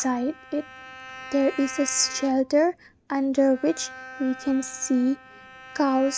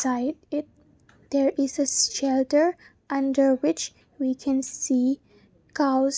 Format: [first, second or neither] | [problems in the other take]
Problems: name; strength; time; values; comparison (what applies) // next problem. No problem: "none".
second | background sound (Bowed string instrument); 16 dB below the speech